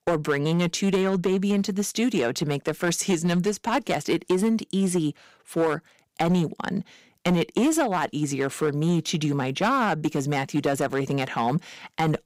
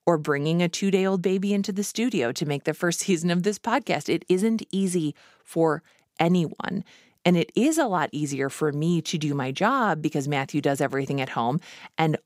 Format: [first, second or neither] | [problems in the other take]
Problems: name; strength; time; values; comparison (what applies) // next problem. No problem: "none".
second | distortion; slight; 6% of the sound clipped